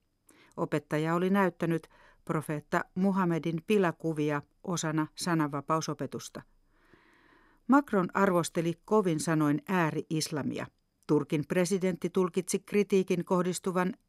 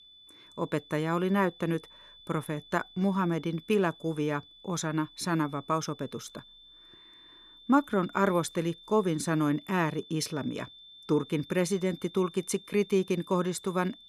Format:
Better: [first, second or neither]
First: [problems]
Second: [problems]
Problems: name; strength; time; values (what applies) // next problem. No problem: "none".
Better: first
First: none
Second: high-pitched whine; faint; throughout; 3.5 kHz, 20 dB below the speech